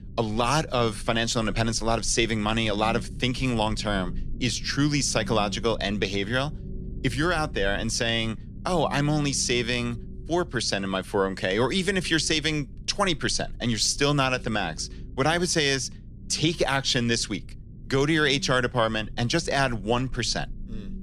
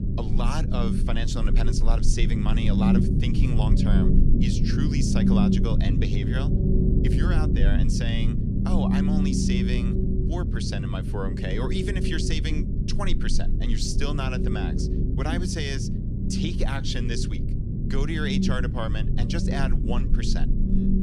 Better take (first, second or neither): first